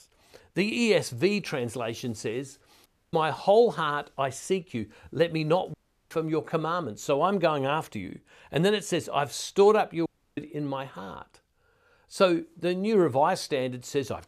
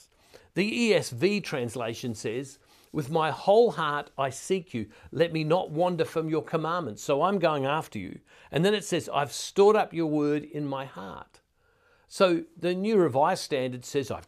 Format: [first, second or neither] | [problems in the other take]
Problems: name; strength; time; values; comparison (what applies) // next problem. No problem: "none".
second | audio cutting out; at 3 s, at 5.5 s and at 10 s